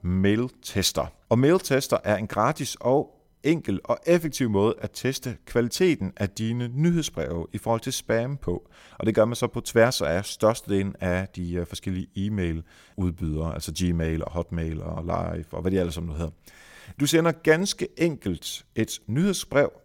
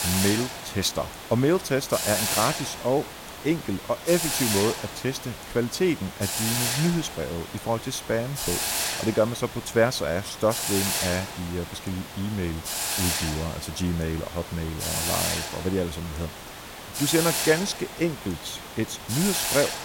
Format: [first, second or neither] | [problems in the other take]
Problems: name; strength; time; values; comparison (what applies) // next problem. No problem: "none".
first | hiss; loud; throughout; 2 dB below the speech